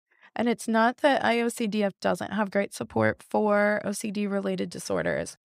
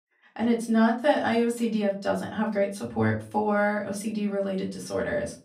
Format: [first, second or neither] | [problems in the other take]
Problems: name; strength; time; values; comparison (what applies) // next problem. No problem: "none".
first | room echo; slight; dies away in 0.3 s // off-mic speech; far